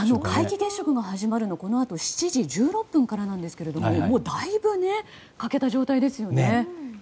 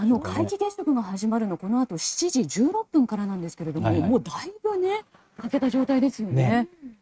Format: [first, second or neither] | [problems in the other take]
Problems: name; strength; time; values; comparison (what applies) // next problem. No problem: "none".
first | noise reduction (neural mask model RNNoise)